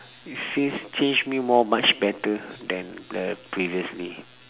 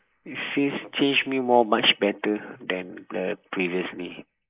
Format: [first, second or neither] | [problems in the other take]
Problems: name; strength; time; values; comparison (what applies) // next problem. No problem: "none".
first | noise reduction (neural mask model Resemble Enhance denoiser)